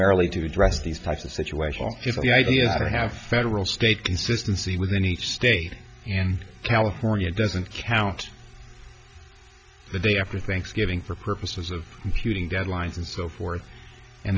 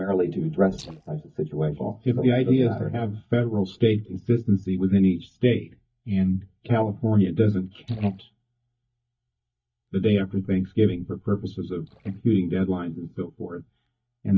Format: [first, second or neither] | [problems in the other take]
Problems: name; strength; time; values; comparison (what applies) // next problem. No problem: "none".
first | noise reduction (neural mask model DeepFilterNet 3)